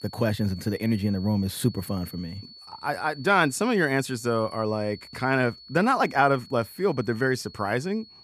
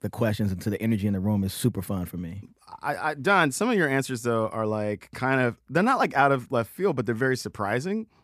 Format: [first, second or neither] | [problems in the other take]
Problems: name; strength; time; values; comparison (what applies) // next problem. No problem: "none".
second | high-pitched whine; noticeable; throughout; 4.5 kHz, 20 dB below the speech